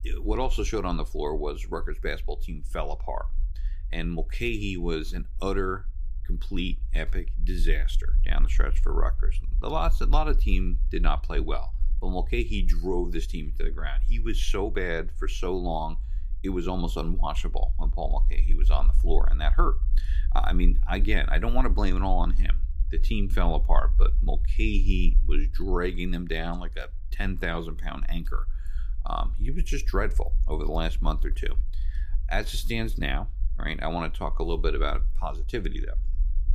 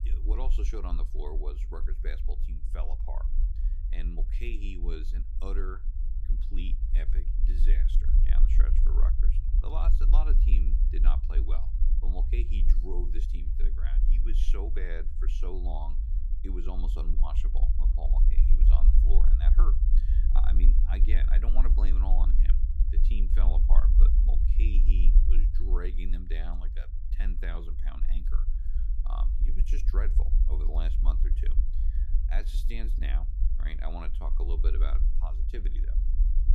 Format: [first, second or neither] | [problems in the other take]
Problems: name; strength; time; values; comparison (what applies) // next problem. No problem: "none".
first | low rumble; loud; throughout; 7 dB below the speech; faint in the first